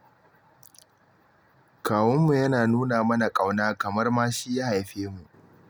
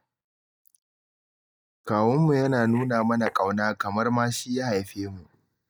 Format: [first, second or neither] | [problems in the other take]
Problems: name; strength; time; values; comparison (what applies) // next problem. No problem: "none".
first | noise reduction (neural mask model DeepFilterNet 3)